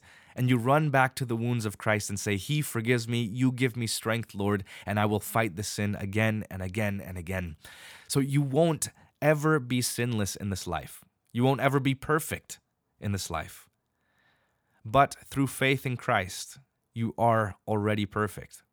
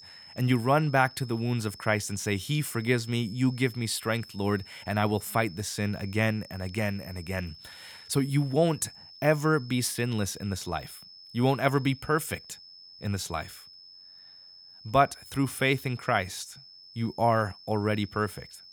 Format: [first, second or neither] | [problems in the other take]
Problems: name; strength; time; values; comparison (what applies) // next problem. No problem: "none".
first | high-pitched whine; noticeable; throughout; 5.5 kHz, 20 dB below the speech